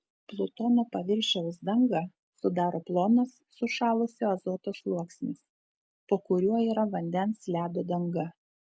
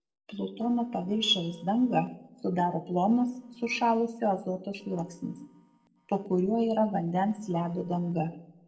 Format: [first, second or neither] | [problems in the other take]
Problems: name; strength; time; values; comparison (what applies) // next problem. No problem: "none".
first | noise reduction (neural separator model SepFormer DNS4)